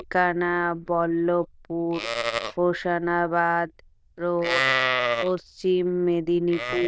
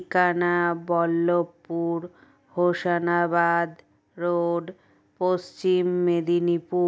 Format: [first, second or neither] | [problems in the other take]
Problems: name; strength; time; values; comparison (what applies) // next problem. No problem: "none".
second | noise reduction (neural diffusion model UNIVERSE++)